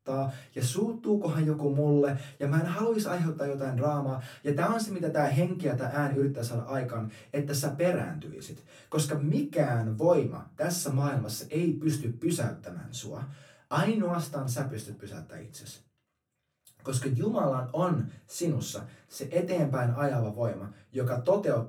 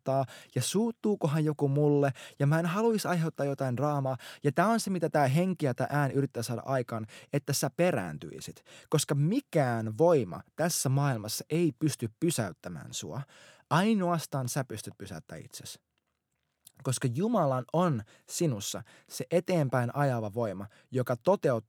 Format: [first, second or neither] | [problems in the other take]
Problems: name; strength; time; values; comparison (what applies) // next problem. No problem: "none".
second | off-mic speech; far // room echo; very slight; dies away in 0.2 s